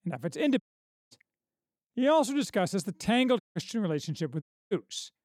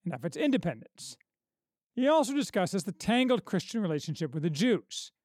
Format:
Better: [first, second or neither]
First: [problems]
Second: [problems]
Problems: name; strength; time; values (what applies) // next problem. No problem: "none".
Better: second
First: audio cutting out; at 0.5 s for 0.5 s, at 3.5 s and at 4.5 s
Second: none